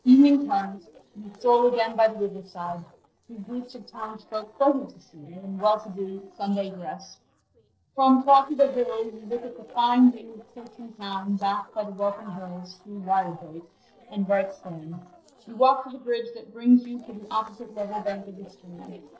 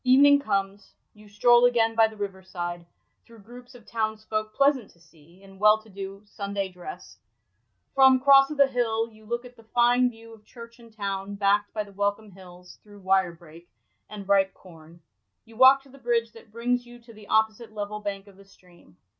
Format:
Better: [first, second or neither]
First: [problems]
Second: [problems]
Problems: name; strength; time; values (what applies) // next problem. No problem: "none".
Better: second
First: noise reduction (neural separator model SepFormer DNS4)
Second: none